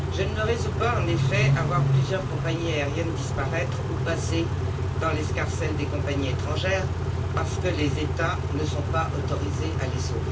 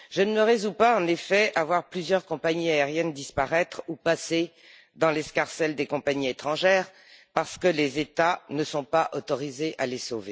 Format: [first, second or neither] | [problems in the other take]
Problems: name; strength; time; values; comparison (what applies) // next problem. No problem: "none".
second | background sound (Idling / Accelerating, revving, vroom / Car); 4 dB above the speech // room echo; dies away in 0.2 s